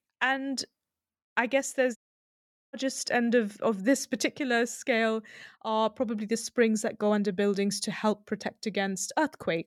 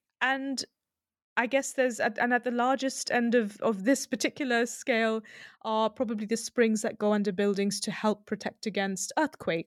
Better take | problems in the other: second | audio cutting out; at 2 s for 1 s

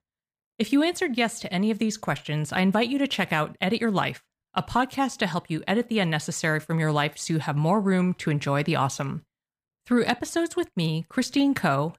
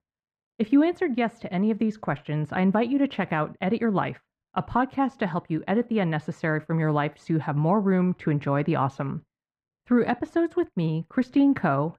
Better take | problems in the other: first | muffled; very; fading above 3.5 kHz

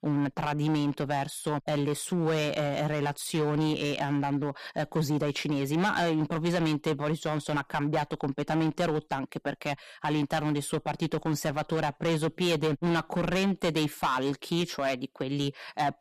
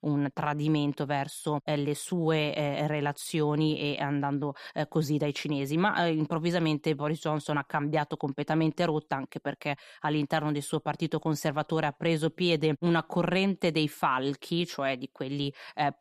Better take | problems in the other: second | distortion; slight; 11% of the sound clipped

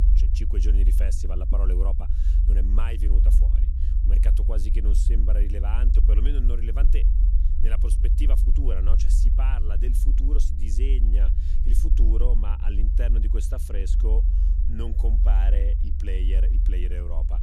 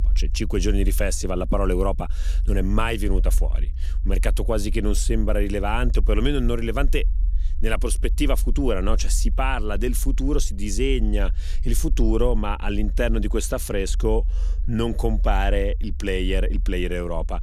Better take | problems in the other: second | low rumble; loud; throughout; 5 dB below the speech; faint in the second

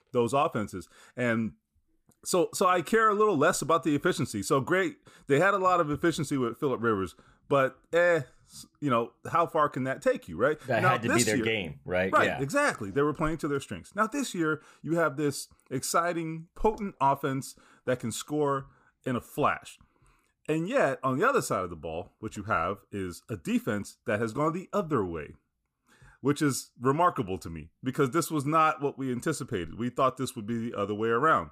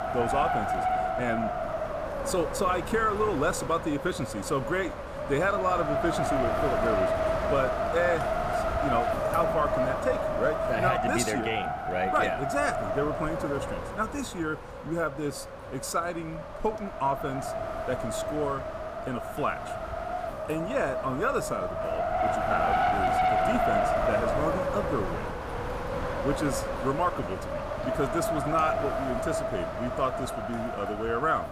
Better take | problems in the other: first | wind noise on the microphone; heavy; 1 dB above the speech

